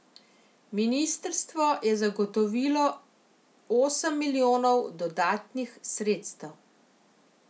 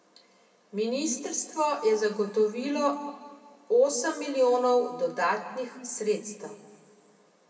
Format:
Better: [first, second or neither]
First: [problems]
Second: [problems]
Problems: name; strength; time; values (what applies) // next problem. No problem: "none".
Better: first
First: none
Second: room echo; dies away in 1.5 s